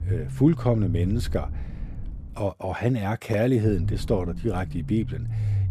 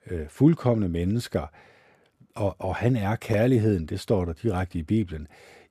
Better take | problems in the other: second | low rumble; noticeable; until 2.5 s and from 3.5 s on; 15 dB below the speech

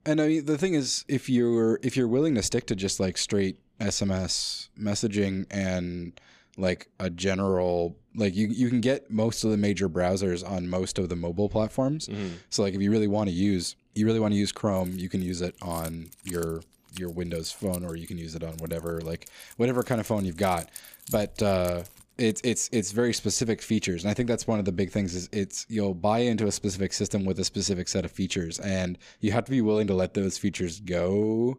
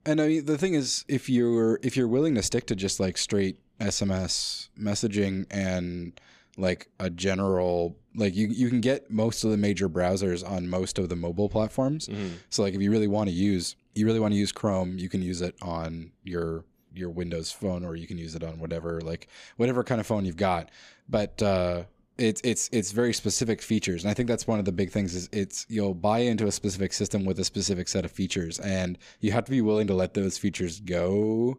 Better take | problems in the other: second | jangling keys; faint; from 15 to 22 s; peak 10 dB below the speech

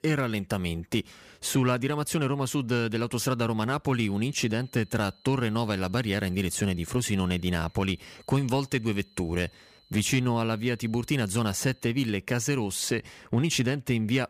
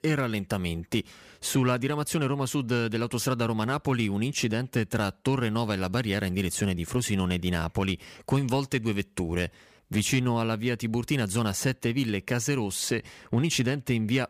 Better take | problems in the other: second | high-pitched whine; faint; from 4 to 12 s; 4 kHz, 30 dB below the speech

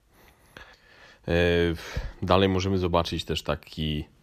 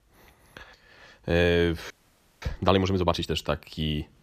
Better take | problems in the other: first | audio freezing; at 2 s for 0.5 s

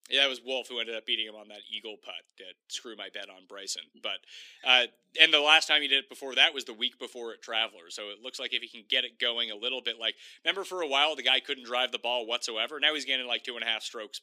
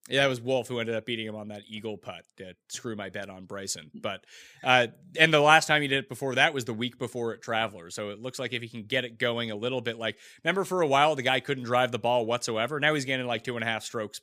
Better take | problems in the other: second | thin; very slightly; fading below 250 Hz

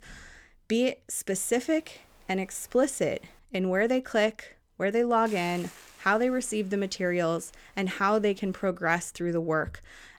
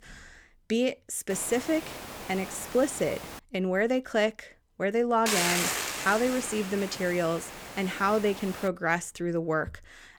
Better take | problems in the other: first | hiss; loud; from 1.5 to 3.5 s and from 5.5 to 8.5 s; 5 dB below the speech; faint in the first

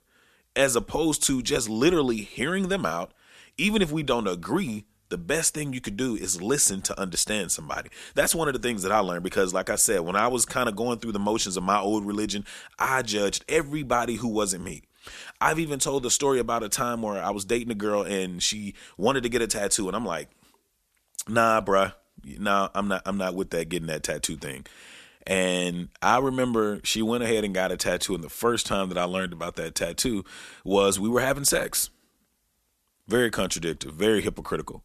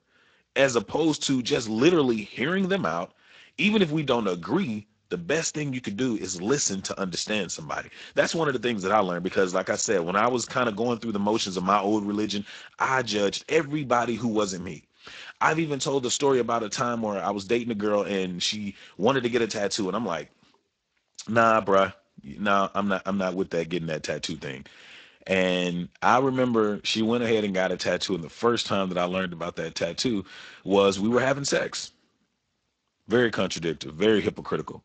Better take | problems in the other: first | garbled, watery; slightly; nothing above 7.5 kHz

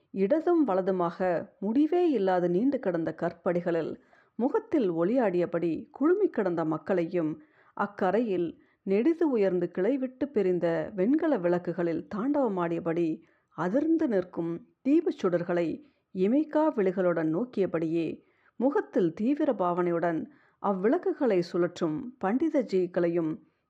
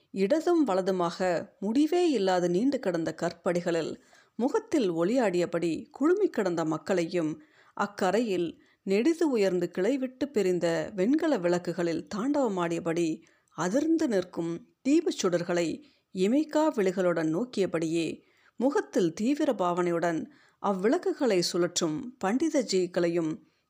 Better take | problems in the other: second | muffled; very; fading above 4 kHz

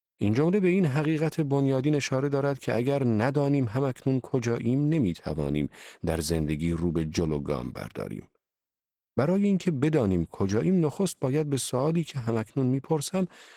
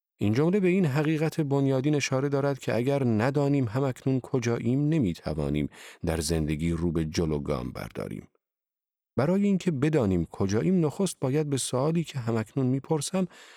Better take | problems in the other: second | garbled, watery; slightly

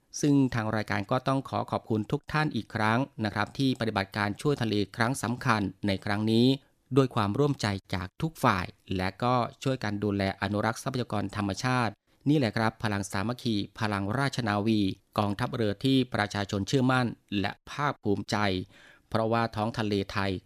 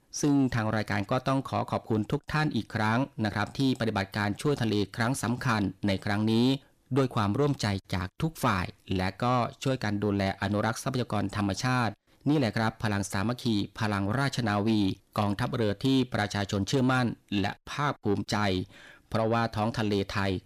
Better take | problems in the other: first | distortion; slight; 10 dB below the speech

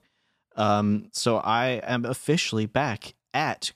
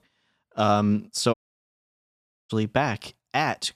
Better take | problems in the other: first | audio cutting out; at 1.5 s for 1 s

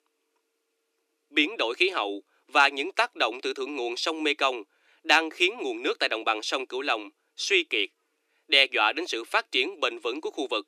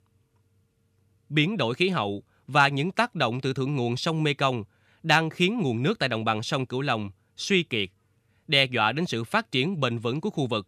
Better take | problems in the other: second | thin; somewhat; fading below 300 Hz

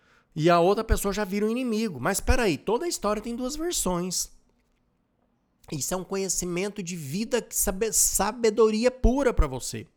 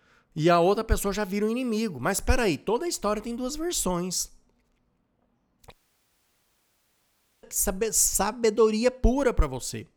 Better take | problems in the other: first | audio cutting out; at 5.5 s for 1.5 s

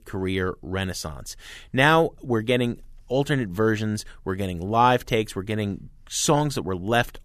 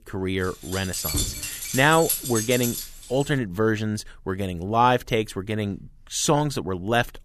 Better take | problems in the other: first | jangling keys; noticeable; from 0.5 to 3 s; peak level with the speech

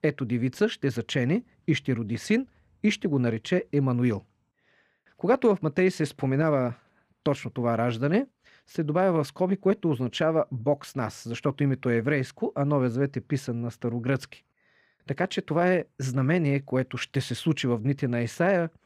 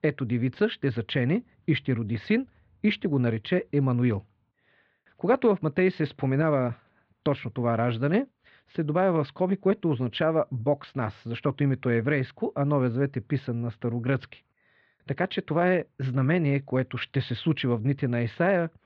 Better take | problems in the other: first | muffled; slightly; fading above 4 kHz

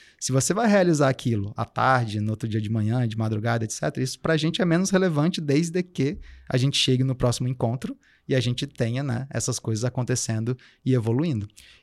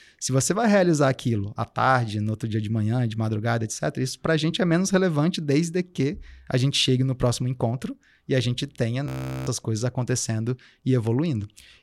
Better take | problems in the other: first | audio freezing; at 9 s

